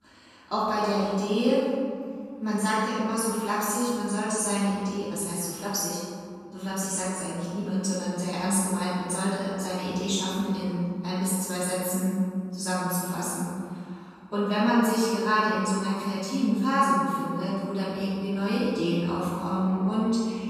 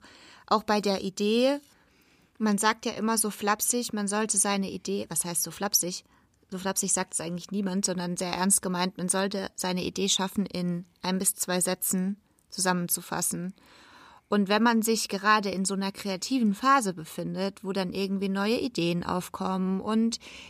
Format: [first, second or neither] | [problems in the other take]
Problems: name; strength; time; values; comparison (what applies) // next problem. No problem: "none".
second | off-mic speech; far // room echo; strong; dies away in 2.2 s